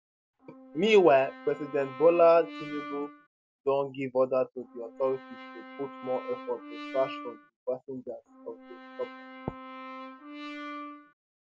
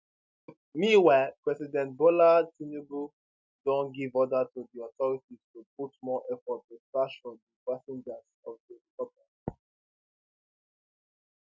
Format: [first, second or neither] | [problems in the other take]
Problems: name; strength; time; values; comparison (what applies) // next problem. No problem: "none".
second | background sound (Brass instrument); 14 dB below the speech